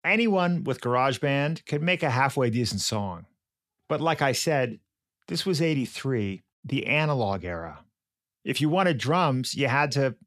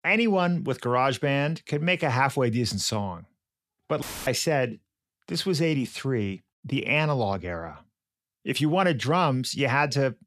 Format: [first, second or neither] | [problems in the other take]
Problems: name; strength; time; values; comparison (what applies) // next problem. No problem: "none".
first | audio cutting out; filled with static; at 4 s